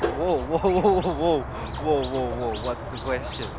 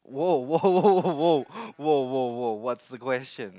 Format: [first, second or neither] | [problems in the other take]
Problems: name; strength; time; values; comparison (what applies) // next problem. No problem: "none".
second | background sound (Squeak); 7 dB below the speech